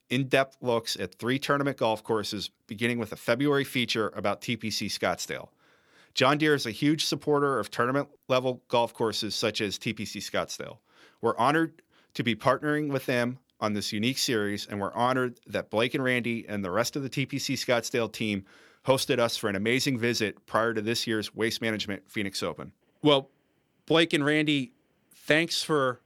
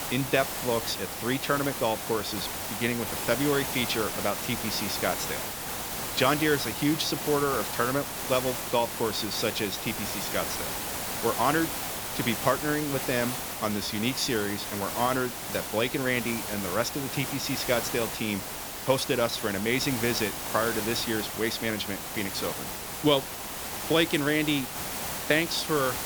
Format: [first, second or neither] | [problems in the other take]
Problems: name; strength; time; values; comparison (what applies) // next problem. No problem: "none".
first | hiss; loud; throughout; 4 dB below the speech